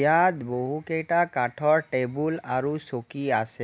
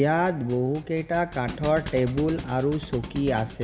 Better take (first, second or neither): first